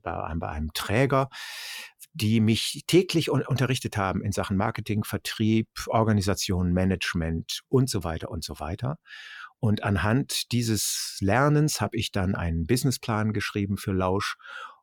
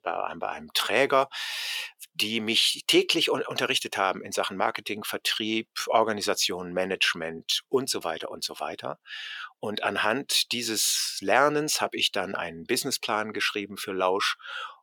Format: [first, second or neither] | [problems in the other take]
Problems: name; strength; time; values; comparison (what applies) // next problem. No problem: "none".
first | thin; very; fading below 500 Hz